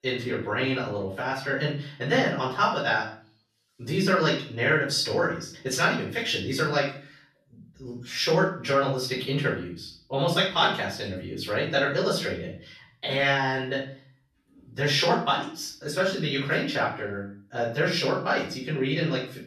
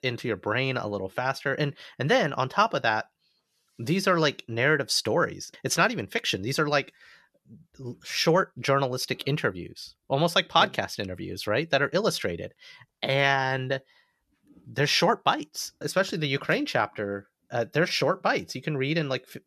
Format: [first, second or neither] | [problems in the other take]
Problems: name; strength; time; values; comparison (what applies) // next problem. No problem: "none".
second | off-mic speech; far // room echo; noticeable; dies away in 0.4 s